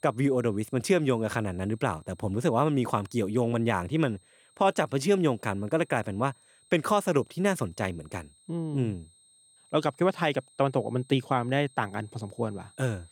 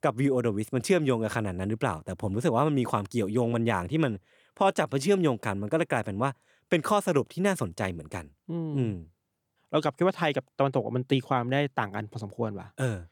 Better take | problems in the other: second | high-pitched whine; faint; throughout; 8.5 kHz, 30 dB below the speech

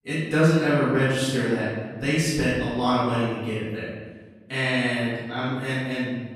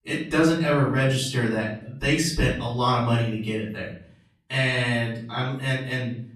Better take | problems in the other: second | room echo; strong; dies away in 1.2 s; slight in the second // off-mic speech; far; far in the second

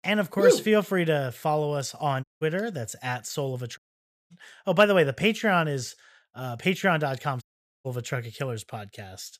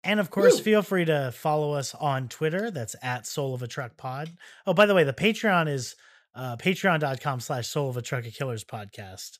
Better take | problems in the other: second | audio cutting out; at 2 s, at 4 s for 0.5 s and at 7.5 s

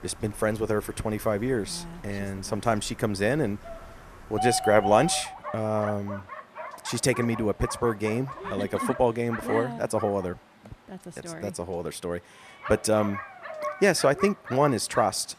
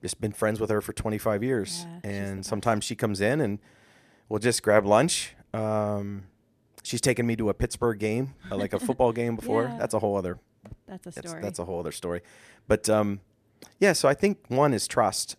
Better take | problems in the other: second | animal sounds; loud; throughout; 10 dB below the speech

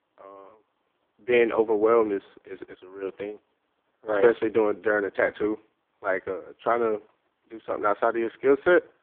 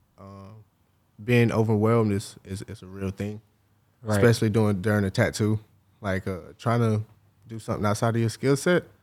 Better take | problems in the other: second | phone-call audio; poor line

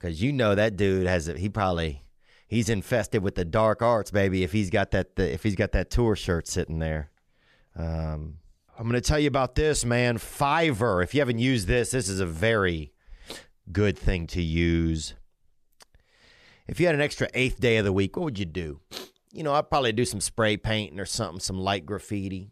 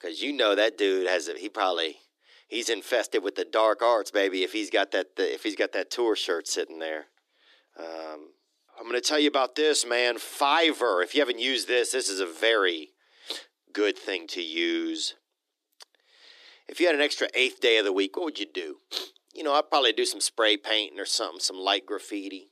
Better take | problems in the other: first | thin; somewhat; fading below 300 Hz

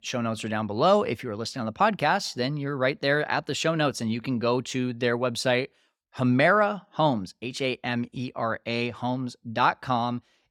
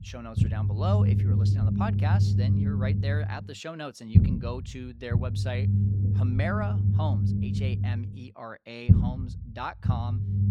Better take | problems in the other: first | low rumble; loud; throughout; 1 dB below the speech

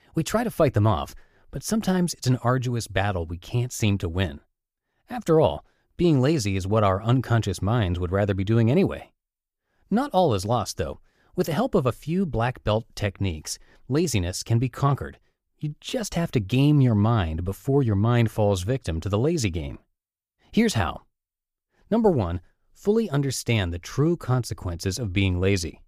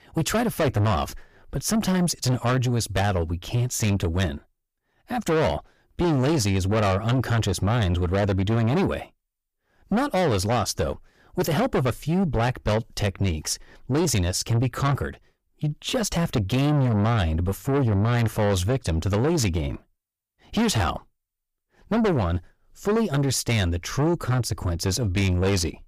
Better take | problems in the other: first | distortion; heavy; 6 dB below the speech

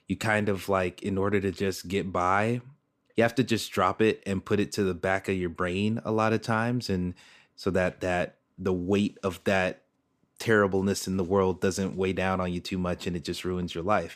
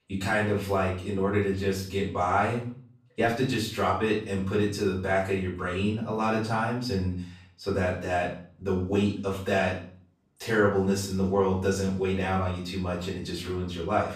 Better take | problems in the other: first | off-mic speech; far // room echo; noticeable; dies away in 0.4 s

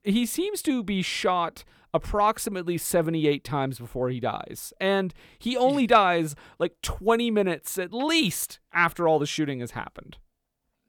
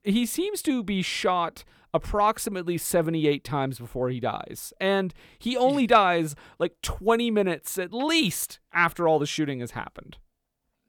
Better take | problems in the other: neither | none

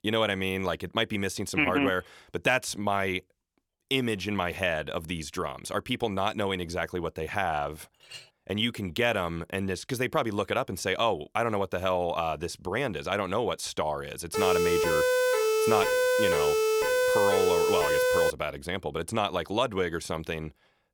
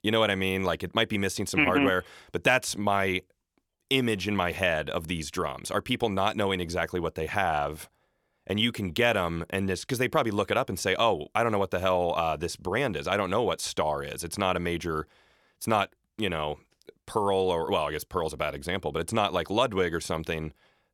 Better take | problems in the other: second | clattering dishes; faint; at 8 s; peak 15 dB below the speech // siren; loud; from 14 to 18 s; peak 5 dB above the speech

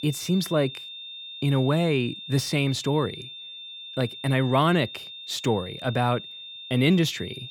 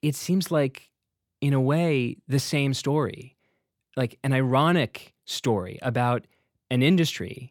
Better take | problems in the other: second | high-pitched whine; noticeable; throughout; 3.5 kHz, 10 dB below the speech

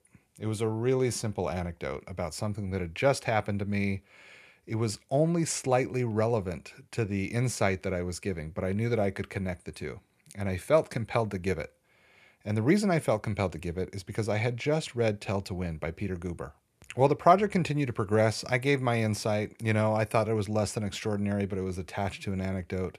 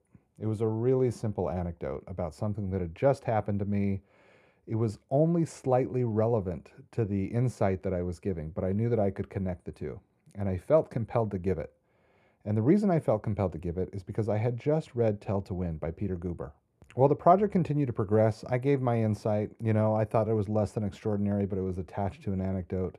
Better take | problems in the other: first | muffled; slightly; fading above 1.5 kHz

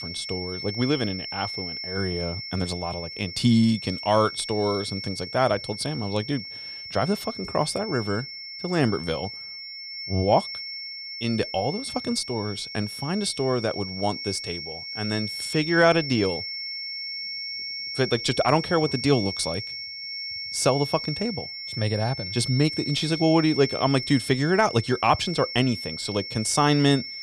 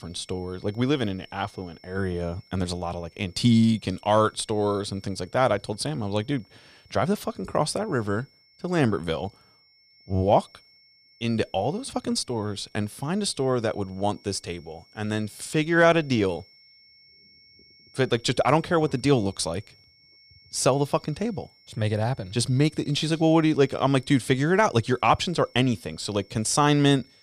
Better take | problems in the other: second | high-pitched whine; loud; throughout; 5.5 kHz, 7 dB below the speech; faint in the second

